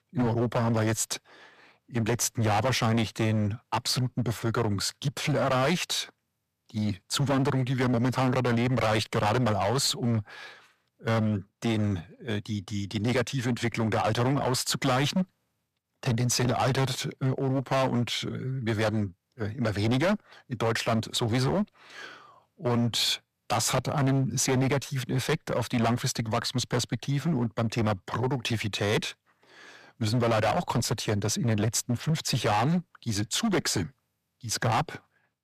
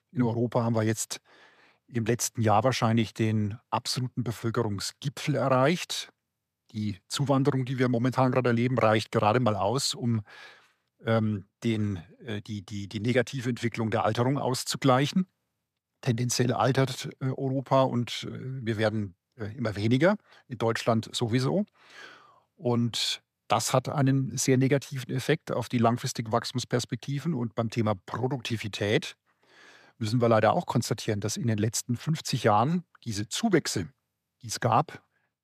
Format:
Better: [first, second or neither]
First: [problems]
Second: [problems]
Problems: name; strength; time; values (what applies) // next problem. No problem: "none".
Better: second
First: distortion; heavy; 14% of the sound clipped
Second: none